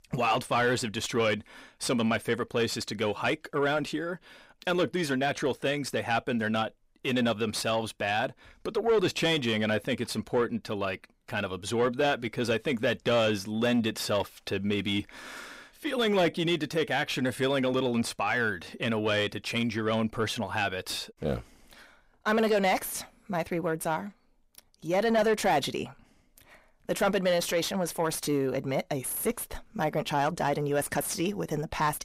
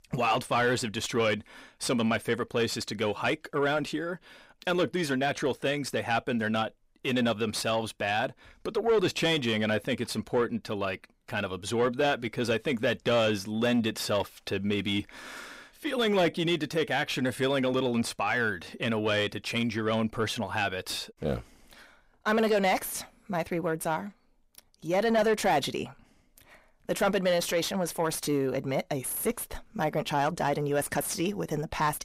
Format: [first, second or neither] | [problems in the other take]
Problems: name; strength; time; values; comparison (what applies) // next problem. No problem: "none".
neither | distortion; slight; 10 dB below the speech; the same in both